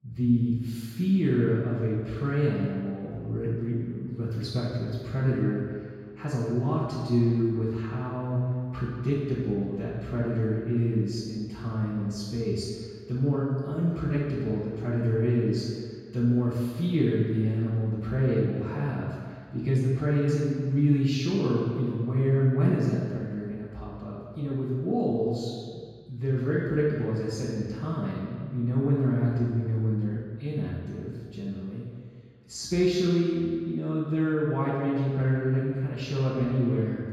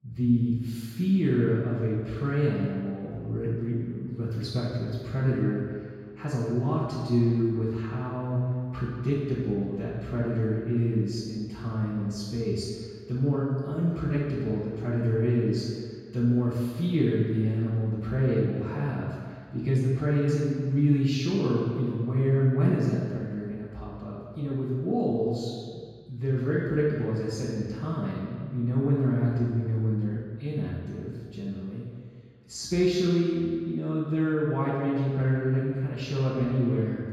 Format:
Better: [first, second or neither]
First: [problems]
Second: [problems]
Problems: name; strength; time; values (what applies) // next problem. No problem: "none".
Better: neither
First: room echo; strong; dies away in 2 s // off-mic speech; far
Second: room echo; strong; dies away in 2 s // off-mic speech; far